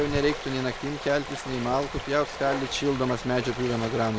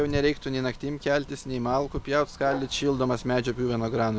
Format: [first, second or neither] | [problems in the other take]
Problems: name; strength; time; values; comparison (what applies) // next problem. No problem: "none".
second | background sound (Stream); 10 dB below the speech